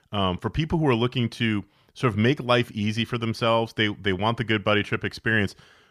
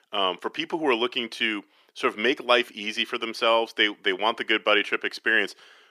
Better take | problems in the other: first | thin; somewhat; fading below 300 Hz

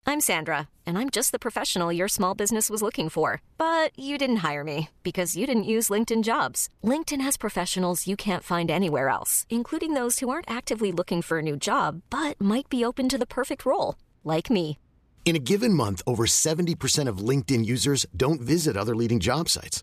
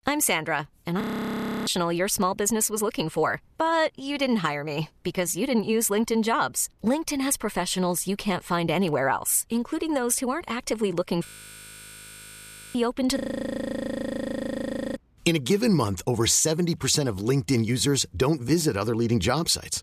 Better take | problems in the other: first | audio freezing; at 1 s for 0.5 s, at 11 s for 1.5 s and at 13 s for 2 s

